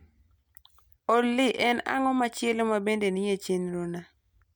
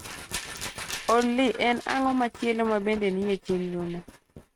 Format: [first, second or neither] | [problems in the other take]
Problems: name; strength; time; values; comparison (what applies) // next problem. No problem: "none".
first | noise reduction (neural mask model RNNoise)